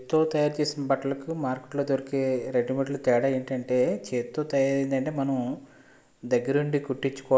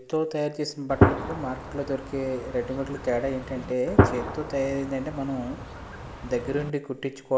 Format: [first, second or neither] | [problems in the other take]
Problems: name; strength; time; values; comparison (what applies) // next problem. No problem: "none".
first | background sound (Gunshot, gunfire); 1 dB above the speech